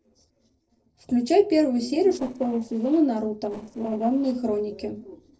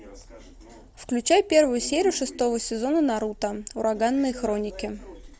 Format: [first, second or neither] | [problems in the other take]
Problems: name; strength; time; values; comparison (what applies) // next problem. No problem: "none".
second | noise reduction (neural separator model SepFormer DNS4)